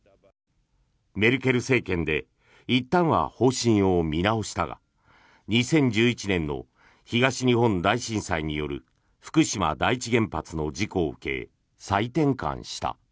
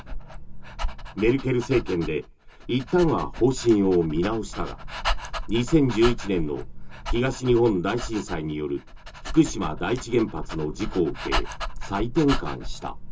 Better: first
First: none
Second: background sound (Dog); 6 dB below the speech // room echo; dies away in 0.2 s

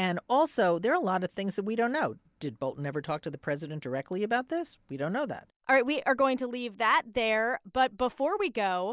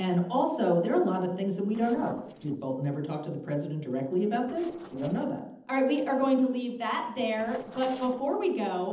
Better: first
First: none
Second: noise reduction (neural separator model SepFormer DNS4)

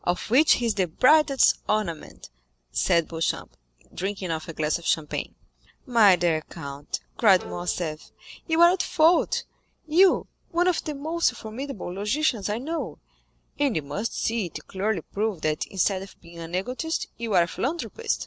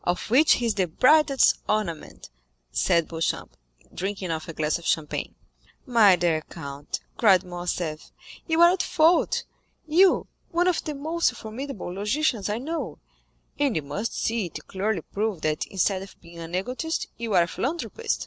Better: second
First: background sound (Bowed string instrument); 19 dB below the speech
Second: none

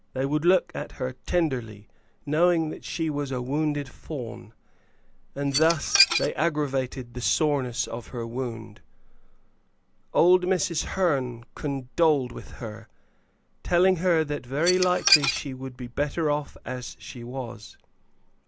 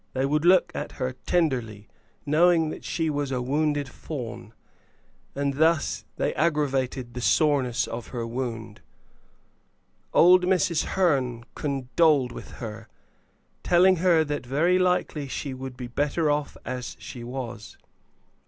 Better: second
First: background sound (Dishes, pots, and pans / Glass); 1 dB above the speech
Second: none

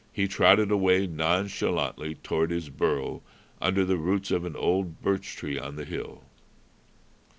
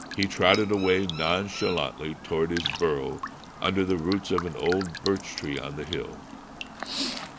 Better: first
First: none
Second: background sound (Raindrop + Chirp, tweet); 9 dB below the speech

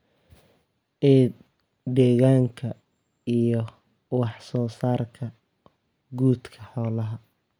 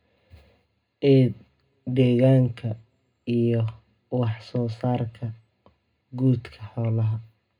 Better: first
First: none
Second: room echo; dies away in 0.2 s

